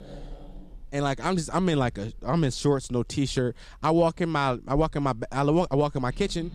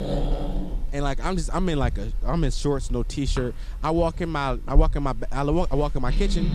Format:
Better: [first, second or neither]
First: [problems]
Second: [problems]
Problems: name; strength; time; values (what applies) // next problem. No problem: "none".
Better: first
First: animal sounds; faint; throughout; 20 dB below the speech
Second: animal sounds; loud; throughout; 4 dB below the speech